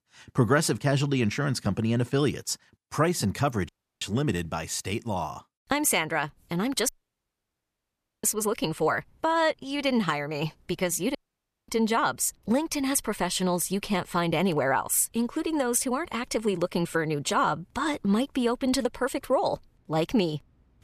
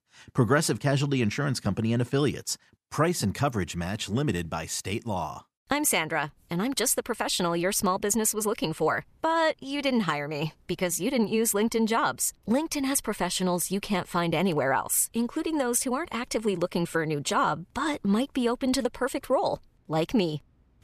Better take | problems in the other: second | audio cutting out; at 3.5 s, at 7 s for 1.5 s and at 11 s for 0.5 s

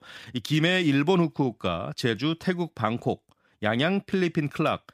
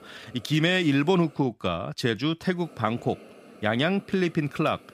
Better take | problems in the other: first | hiss; faint; until 1.5 s and from 2.5 s on; 25 dB below the speech

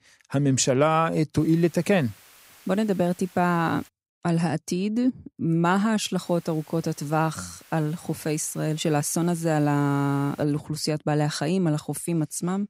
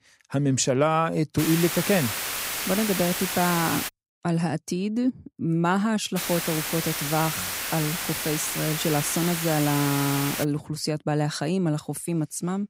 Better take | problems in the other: first | hiss; loud; from 1.5 to 4 s and from 6 to 10 s; 2 dB below the speech; faint in the first

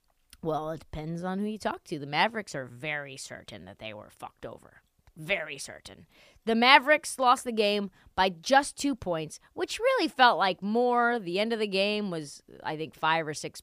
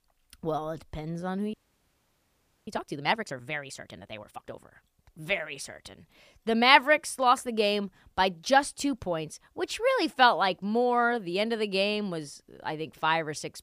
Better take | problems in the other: first | audio freezing; at 1.5 s for 1 s

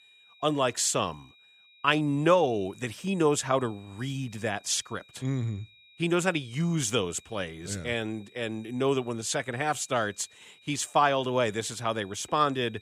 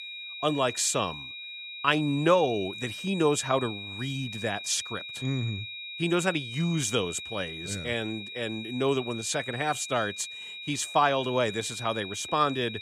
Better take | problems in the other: first | high-pitched whine; loud; throughout; 4 kHz, 9 dB below the speech; faint in the first

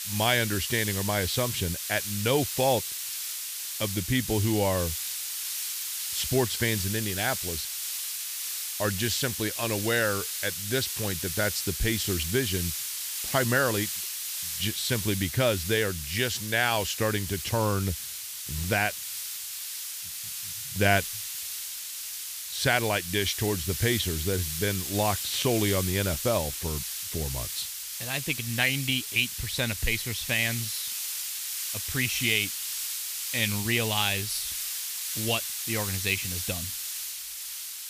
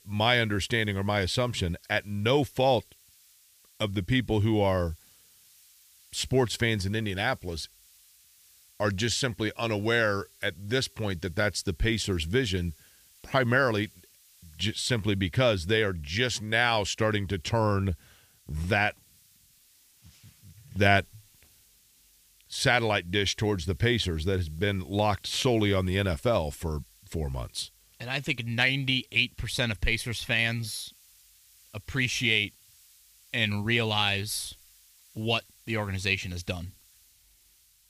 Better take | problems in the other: second | hiss; loud; throughout; 3 dB below the speech; faint in the second

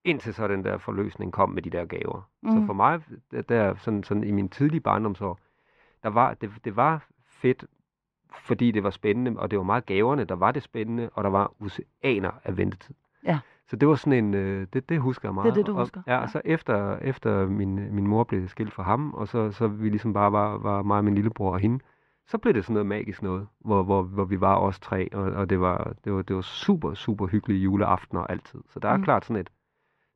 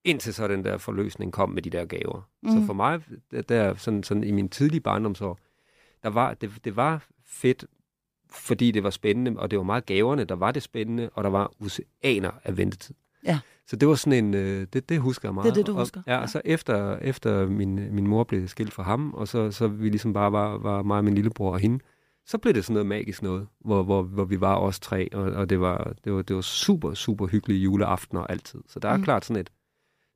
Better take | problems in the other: second | muffled; very; fading above 2 kHz

